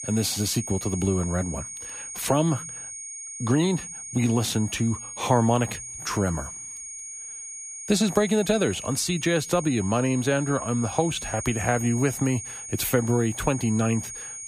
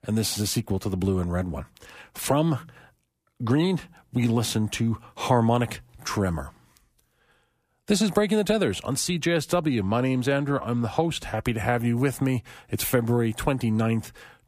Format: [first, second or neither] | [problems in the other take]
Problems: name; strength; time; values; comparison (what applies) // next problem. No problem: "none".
second | high-pitched whine; loud; throughout; 6.5 kHz, 9 dB below the speech